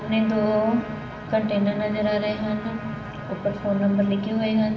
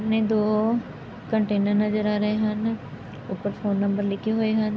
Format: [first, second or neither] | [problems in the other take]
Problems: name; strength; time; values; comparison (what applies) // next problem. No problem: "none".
second | background sound (Trumpet); 18 dB below the speech // room echo; dies away in 1.9 s